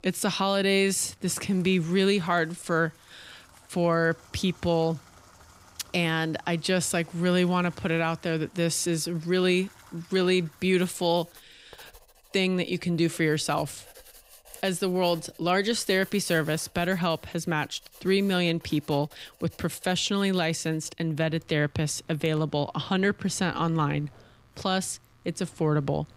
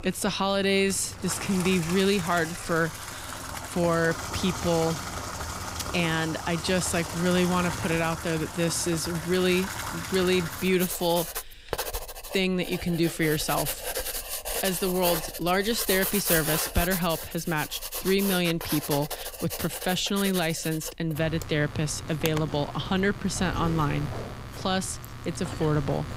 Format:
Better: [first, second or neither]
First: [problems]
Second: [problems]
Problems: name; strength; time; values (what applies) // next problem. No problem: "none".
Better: first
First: household noises; faint; throughout; 25 dB below the speech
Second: household noises; loud; throughout; 6 dB below the speech